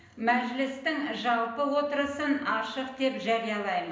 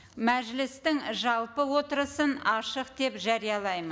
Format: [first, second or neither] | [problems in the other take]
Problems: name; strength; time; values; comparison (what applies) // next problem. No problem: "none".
second | room echo; dies away in 0.8 s